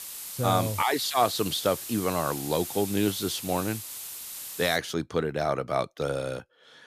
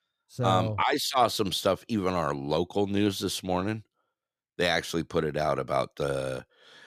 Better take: second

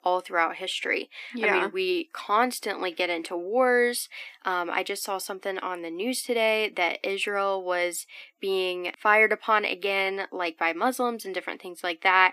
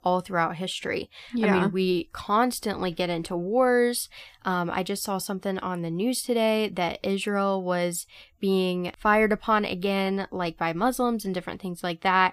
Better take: second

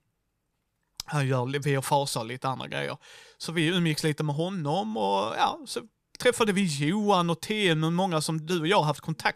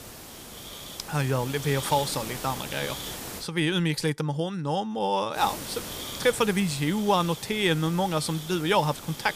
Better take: first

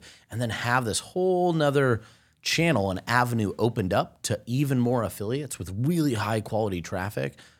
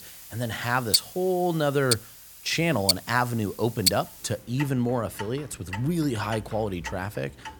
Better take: first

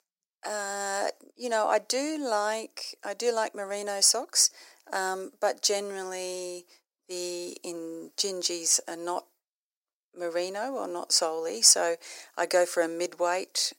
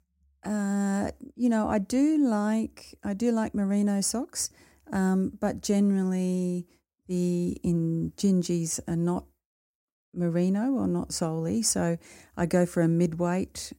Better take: second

